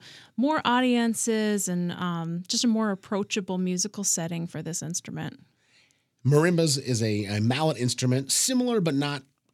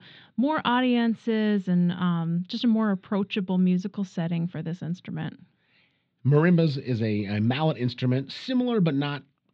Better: first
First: none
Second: muffled; very; fading above 3.5 kHz

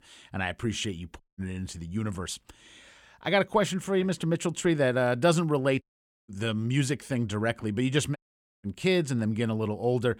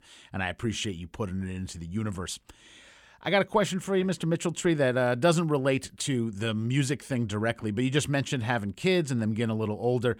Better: second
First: audio cutting out; at 1 s, at 6 s and at 8 s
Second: none

